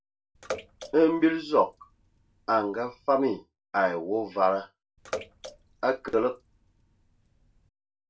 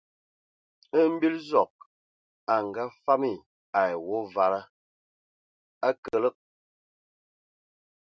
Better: second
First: background sound (Bathtub (filling or washing) / Water / Splash, splatter); 15 dB below the speech // room echo; dies away in 0.2 s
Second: none

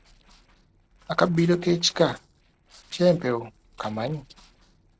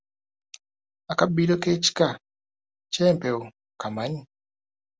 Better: second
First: noise reduction (neural separator model SepFormer DNS4)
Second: none

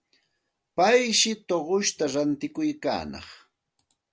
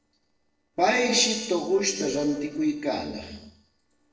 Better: first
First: none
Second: noise reduction (neural separator model SepFormer DNS4)

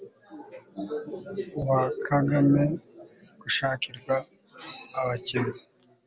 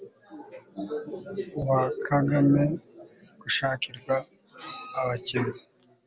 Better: first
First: none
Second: background sound (Wind instrument, woodwind instrument); 18 dB below the speech

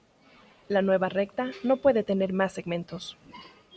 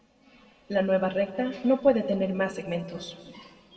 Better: first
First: none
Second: room echo; dies away in 1.5 s

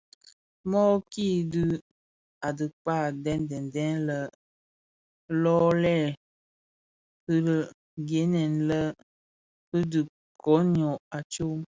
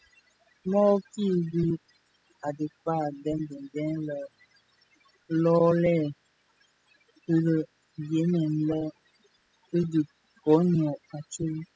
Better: first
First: none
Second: noise reduction (classical method spectral subtraction)

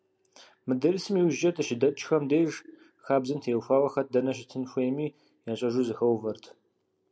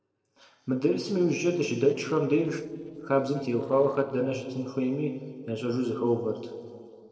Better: first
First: none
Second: noise reduction (neural separator model SepFormer DNS4)

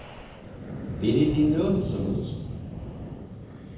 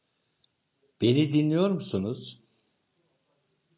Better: second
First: background sound (Wind); 6 dB below the speech // room echo; dies away in 0.8 s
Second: none

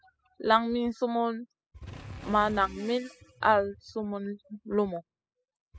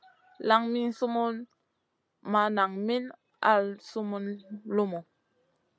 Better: second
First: noise reduction (classical method spectral subtraction)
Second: none

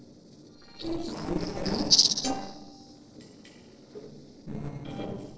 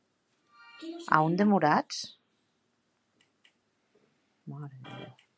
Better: second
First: noise reduction (neural separator model SepFormer DNS4)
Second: none

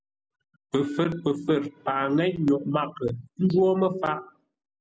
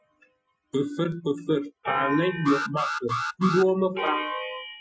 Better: first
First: none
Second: noise reduction (classical method Wiener filter)

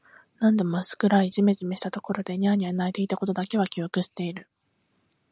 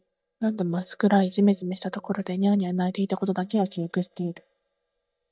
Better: first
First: none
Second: noise reduction (neural mask model DeepFilterNet 3)

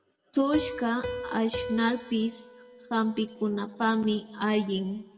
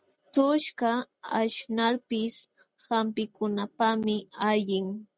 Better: second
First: background sound (Piano); 12 dB below the speech // room echo; dies away in 1.1 s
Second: none

